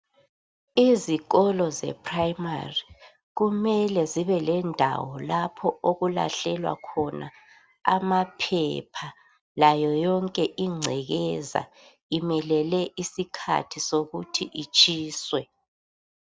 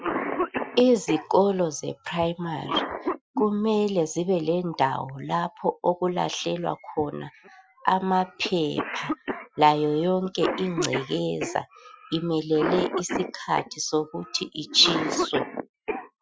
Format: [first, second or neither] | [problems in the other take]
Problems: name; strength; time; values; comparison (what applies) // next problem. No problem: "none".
first | noise reduction (classical method Wiener filter)